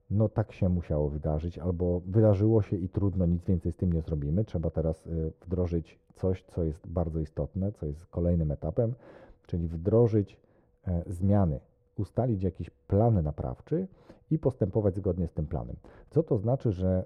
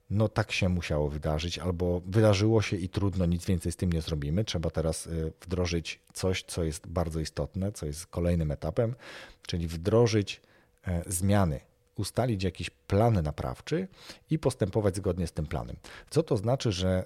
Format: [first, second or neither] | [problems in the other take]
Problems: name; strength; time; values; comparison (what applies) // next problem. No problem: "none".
second | muffled; very; fading above 1.5 kHz